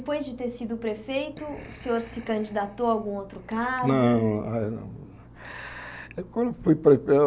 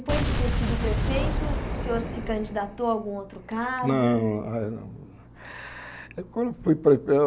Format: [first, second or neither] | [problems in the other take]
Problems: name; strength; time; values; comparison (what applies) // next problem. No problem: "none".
first | background sound (Boom); 1 dB below the speech